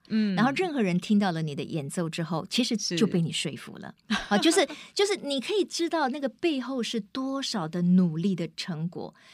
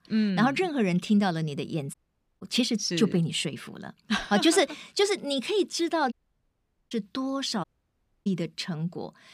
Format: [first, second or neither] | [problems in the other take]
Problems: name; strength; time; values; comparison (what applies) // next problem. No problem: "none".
first | audio cutting out; at 2 s, at 6 s for 1 s and at 7.5 s for 0.5 s